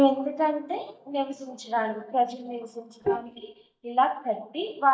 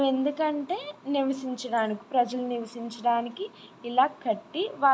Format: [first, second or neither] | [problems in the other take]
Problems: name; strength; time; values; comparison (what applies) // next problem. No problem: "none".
second | noise reduction (neural mask model DeepFilterNet 3)